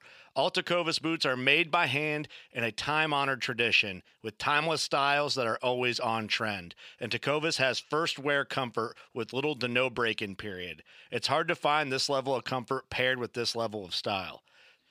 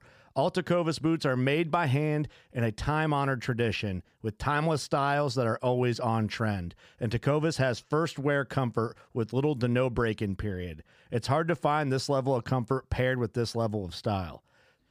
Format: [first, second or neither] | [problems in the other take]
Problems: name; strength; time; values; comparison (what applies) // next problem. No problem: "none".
second | thin; somewhat; fading below 550 Hz